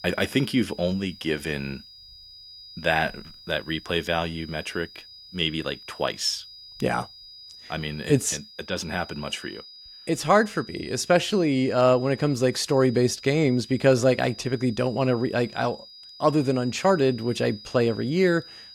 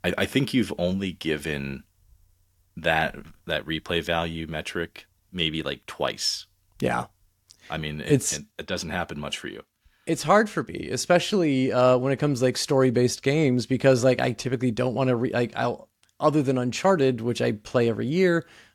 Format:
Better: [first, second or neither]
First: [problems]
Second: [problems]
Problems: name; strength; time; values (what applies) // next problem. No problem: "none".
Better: second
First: high-pitched whine; noticeable; throughout; 5 kHz, 20 dB below the speech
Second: none